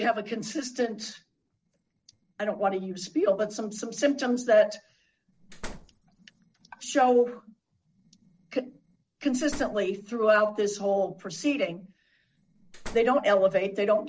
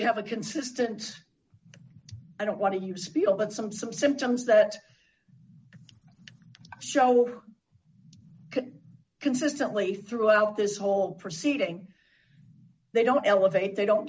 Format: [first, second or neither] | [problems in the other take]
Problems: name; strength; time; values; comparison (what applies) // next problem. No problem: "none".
second | noise reduction (neural separator model SepFormer DNS4)